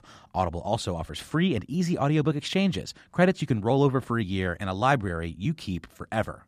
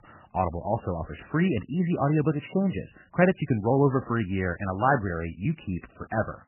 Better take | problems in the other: first | garbled, watery; badly; nothing above 3 kHz

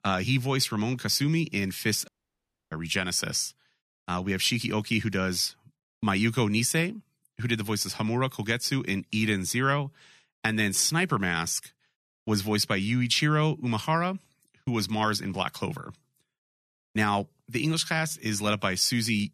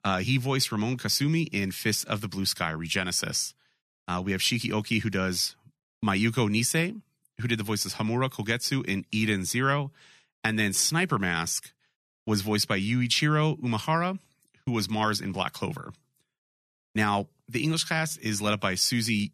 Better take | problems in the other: second | audio cutting out; at 2 s for 0.5 s

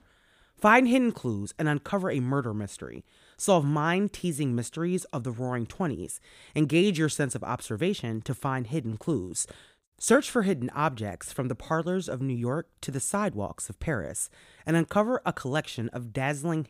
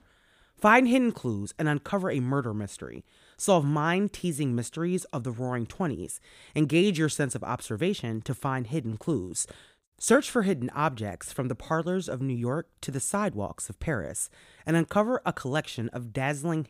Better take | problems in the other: neither | none

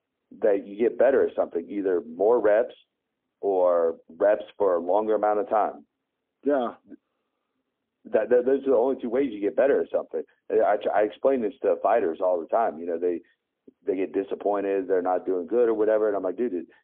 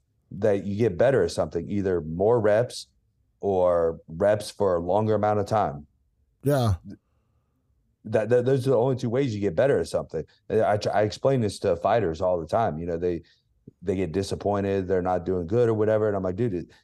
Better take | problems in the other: second | phone-call audio; poor line; nothing above 3.5 kHz

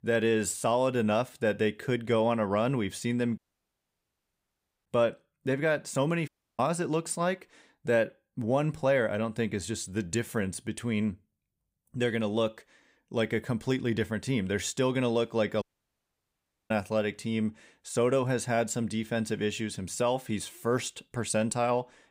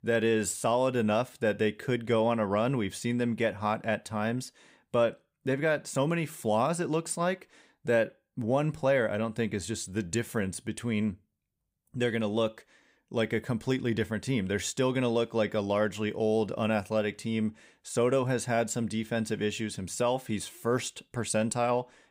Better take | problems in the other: second | audio cutting out; at 3.5 s for 1.5 s, at 6.5 s and at 16 s for 1 s

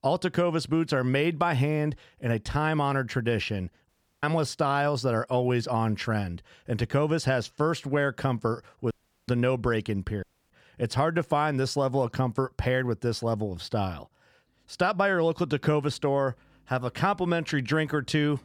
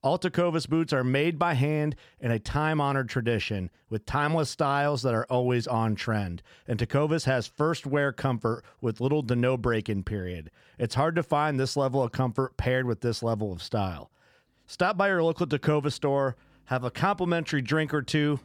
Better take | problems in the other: second | audio cutting out; at 4 s, at 9 s and at 10 s

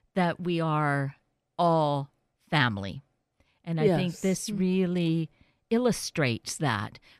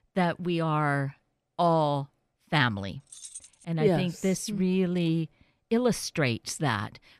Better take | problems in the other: first | jangling keys; faint; at 3 s; peak 15 dB below the speech

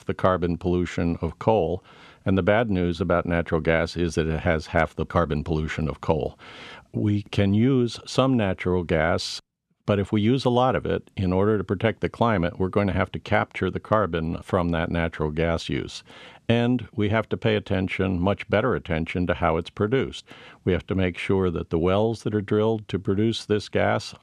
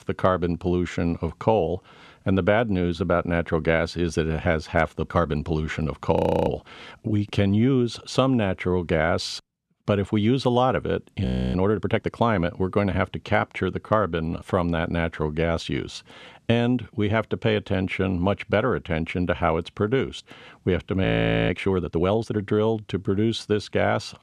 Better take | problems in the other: first | audio freezing; at 6 s, at 11 s and at 21 s

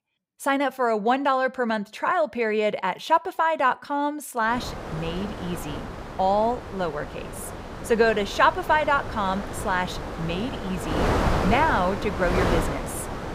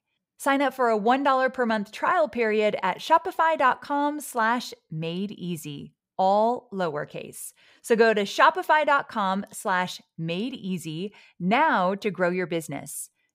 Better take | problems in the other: second | wind noise on the microphone; heavy; from 4.5 s on; 8 dB below the speech

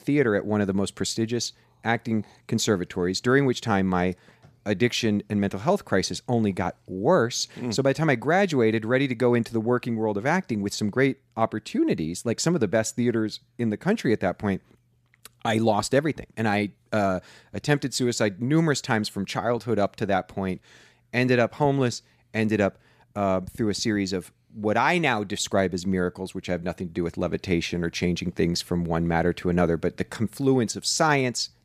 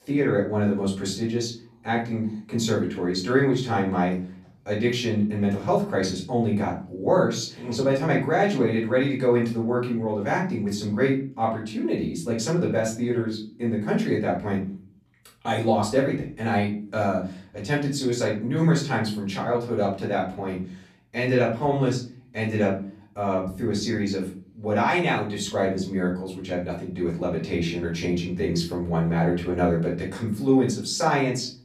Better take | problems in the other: first | off-mic speech; far // room echo; slight; dies away in 0.4 s

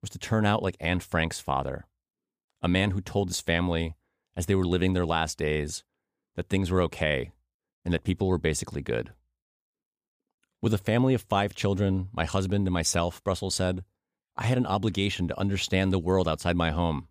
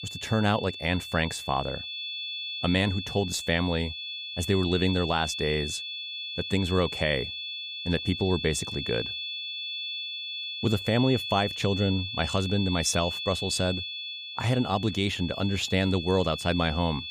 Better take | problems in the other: first | high-pitched whine; loud; throughout; 3.5 kHz, 6 dB below the speech

